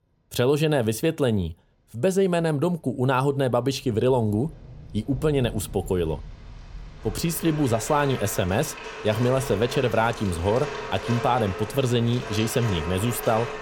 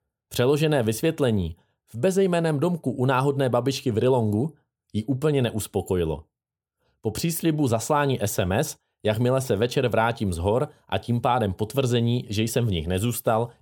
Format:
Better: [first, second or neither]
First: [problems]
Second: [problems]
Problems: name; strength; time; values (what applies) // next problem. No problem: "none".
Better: second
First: rain or running water; noticeable; throughout; 10 dB below the speech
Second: none